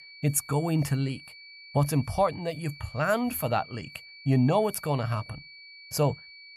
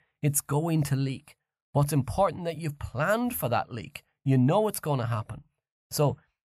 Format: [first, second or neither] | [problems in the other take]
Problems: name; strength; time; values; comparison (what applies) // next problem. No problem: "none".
second | high-pitched whine; noticeable; throughout; 2.5 kHz, 20 dB below the speech